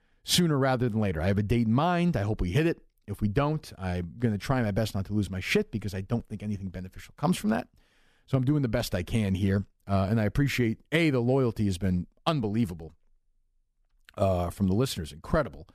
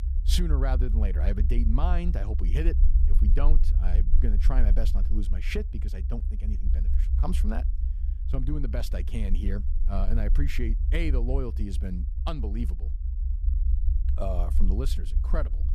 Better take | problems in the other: first | low rumble; noticeable; throughout; 10 dB below the speech

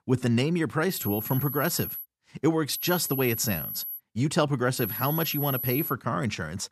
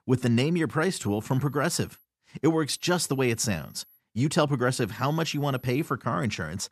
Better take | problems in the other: second | high-pitched whine; loud; from 1 to 2 s, from 2.5 to 4 s and from 5 to 6 s; 11.5 kHz, 5 dB below the speech; faint in the second

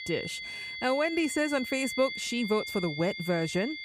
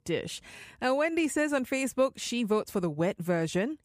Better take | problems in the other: second | high-pitched whine; loud; throughout; 2 kHz, 7 dB below the speech

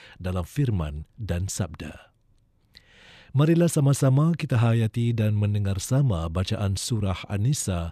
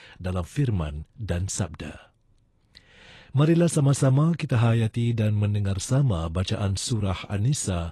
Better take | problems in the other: first | garbled, watery; slightly

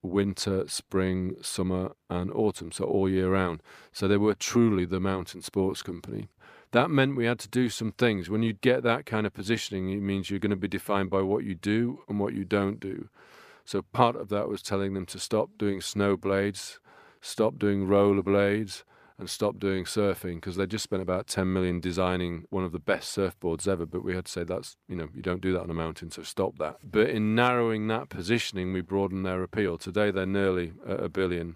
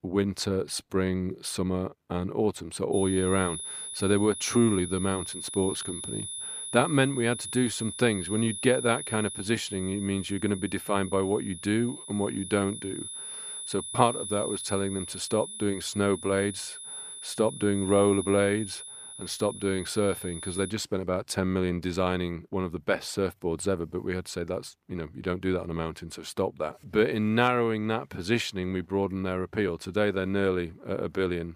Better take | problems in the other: first | high-pitched whine; loud; from 3 to 21 s; 10.5 kHz, 8 dB below the speech

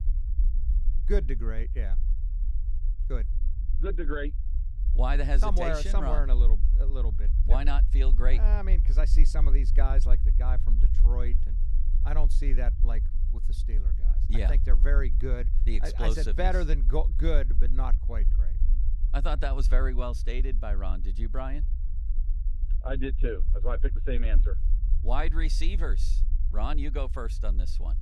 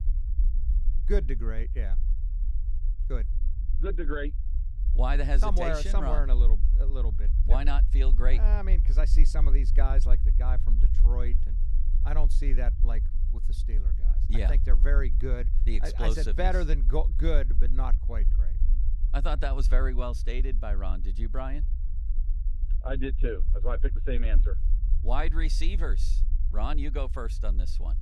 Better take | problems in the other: neither | low rumble; noticeable; throughout; 15 dB below the speech; the same in both

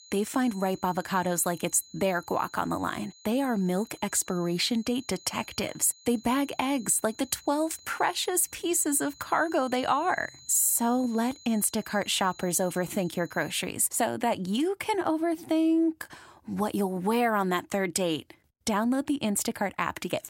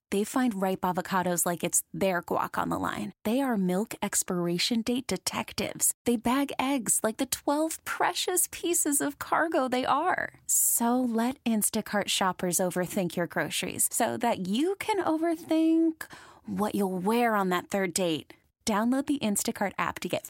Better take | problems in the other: second | high-pitched whine; faint; until 14 s; 4 kHz, 25 dB below the speech

